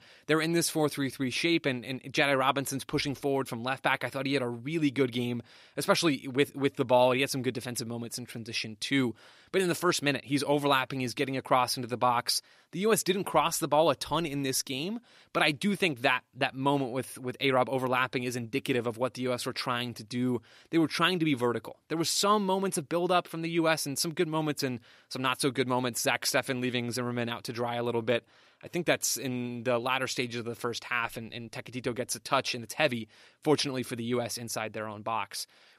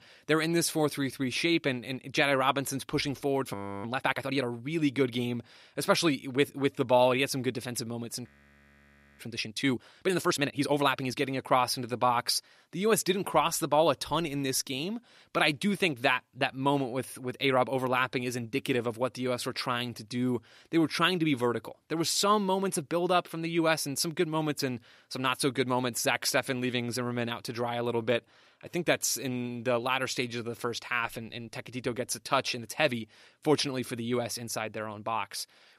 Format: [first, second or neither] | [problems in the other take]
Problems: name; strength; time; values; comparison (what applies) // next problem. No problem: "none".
first | audio freezing; at 3.5 s and at 8.5 s for 1 s